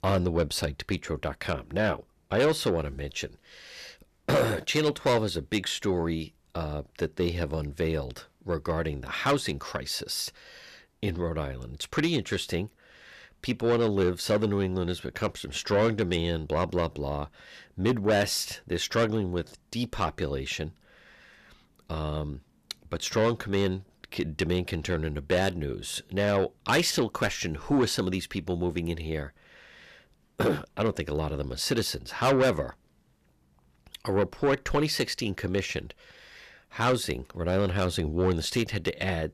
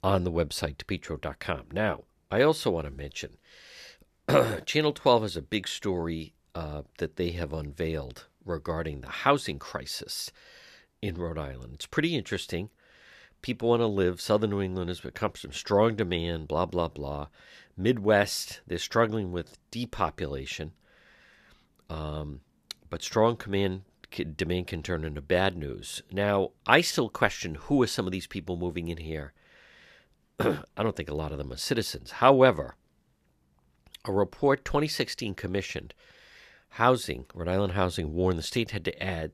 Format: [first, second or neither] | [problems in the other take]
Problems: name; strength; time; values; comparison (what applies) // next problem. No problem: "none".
second | distortion; heavy; 8 dB below the speech